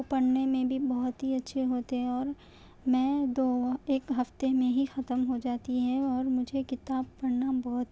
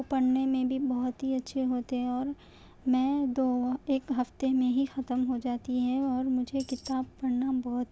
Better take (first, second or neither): first